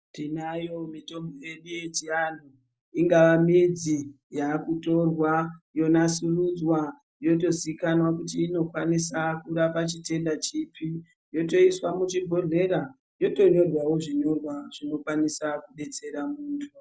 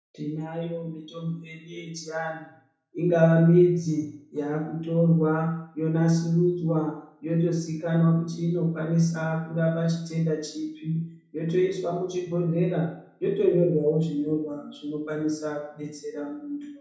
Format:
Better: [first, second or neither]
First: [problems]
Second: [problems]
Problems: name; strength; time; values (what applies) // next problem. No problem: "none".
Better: first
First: none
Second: room echo; dies away in 0.6 s